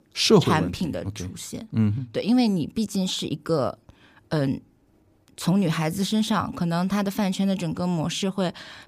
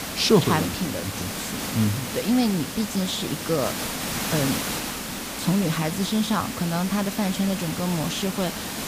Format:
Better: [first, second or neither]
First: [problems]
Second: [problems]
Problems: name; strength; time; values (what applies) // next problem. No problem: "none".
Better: first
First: none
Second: hiss; loud; throughout; 4 dB below the speech